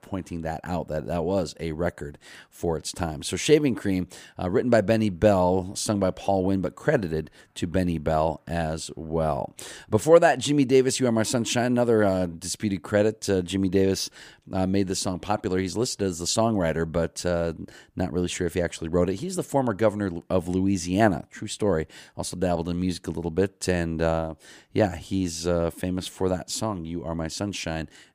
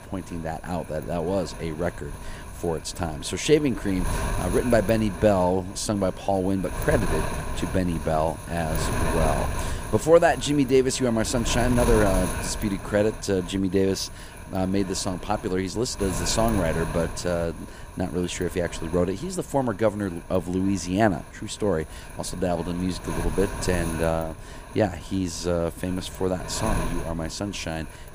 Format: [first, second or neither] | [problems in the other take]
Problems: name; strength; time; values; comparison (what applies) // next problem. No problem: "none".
first | wind noise on the microphone; heavy; 9 dB below the speech